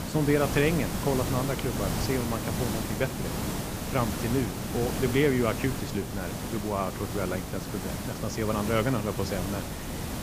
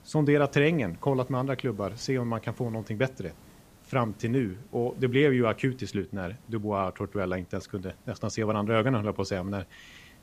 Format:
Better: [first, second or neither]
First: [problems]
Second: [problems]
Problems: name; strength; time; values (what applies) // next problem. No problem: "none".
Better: second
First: hiss; loud; throughout; 3 dB below the speech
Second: hiss; faint; throughout; 25 dB below the speech